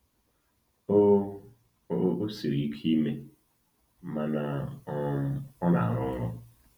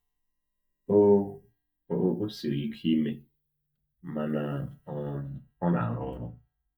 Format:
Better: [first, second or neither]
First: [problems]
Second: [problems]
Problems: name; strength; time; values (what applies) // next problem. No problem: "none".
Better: first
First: none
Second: noise reduction (neural mask model DeepFilterNet 3)